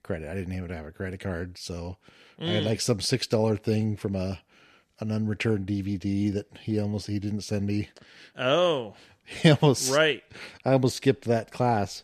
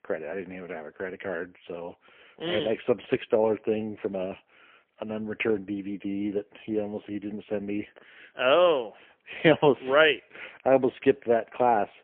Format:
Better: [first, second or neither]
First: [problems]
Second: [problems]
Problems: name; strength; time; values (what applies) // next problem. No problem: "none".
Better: first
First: none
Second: phone-call audio; poor line; nothing above 3.5 kHz